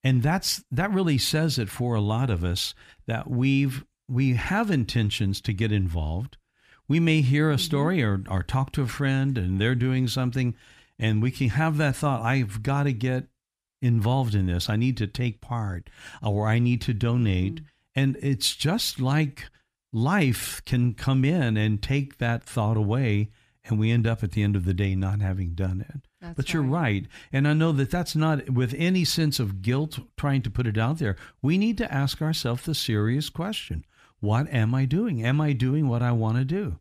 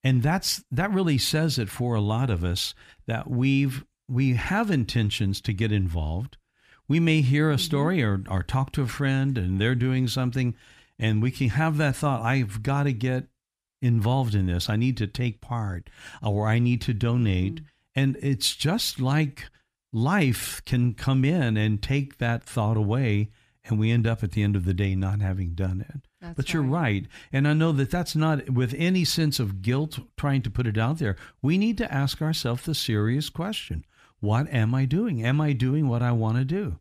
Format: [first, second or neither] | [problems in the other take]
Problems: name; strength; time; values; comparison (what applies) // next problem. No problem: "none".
neither | none